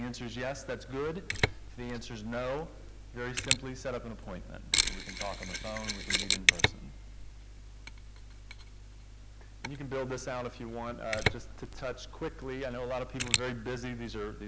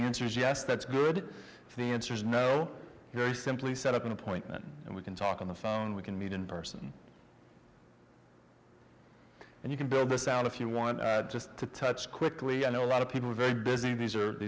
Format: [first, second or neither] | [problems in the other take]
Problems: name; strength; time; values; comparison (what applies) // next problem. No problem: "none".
second | background sound (Mechanisms); 3 dB above the speech